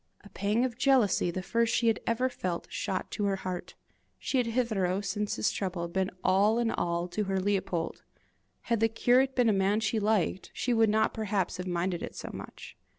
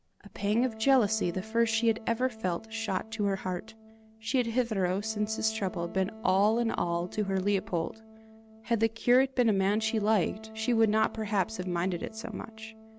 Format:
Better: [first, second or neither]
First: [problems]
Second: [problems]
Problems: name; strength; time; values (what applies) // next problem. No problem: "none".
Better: first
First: none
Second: background sound (Wind instrument, woodwind instrument); 17 dB below the speech